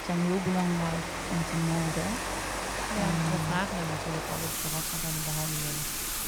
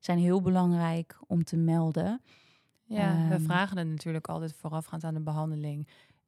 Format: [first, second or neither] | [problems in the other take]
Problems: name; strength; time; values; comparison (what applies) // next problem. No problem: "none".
second | rain or running water; very loud; throughout; as loud as the speech